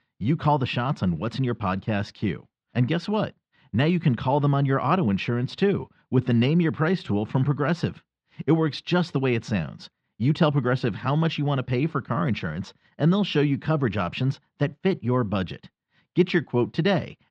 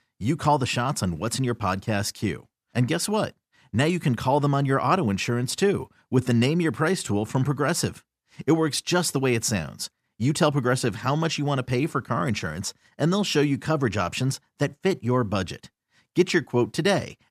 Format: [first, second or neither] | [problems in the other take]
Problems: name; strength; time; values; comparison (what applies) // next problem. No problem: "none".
second | muffled; slightly; fading above 3.5 kHz